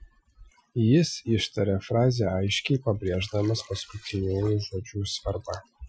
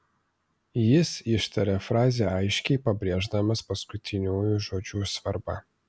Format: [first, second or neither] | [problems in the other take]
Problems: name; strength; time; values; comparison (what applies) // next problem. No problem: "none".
second | noise reduction (classical method Wiener filter)